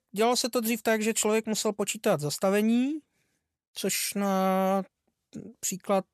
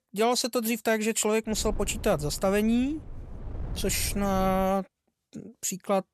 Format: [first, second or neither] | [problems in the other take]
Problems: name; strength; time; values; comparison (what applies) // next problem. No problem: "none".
first | wind noise on the microphone; occasional gusts; from 1.5 to 4.5 s; 20 dB below the speech